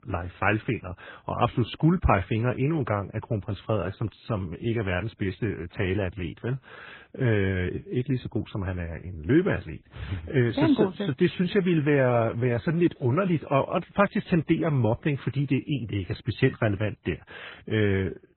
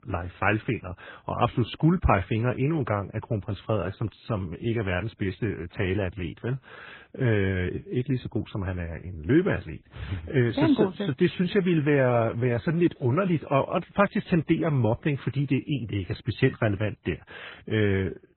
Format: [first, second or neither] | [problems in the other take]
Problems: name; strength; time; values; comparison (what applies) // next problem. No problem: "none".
neither | garbled, watery; badly; nothing above 4 kHz; the same in both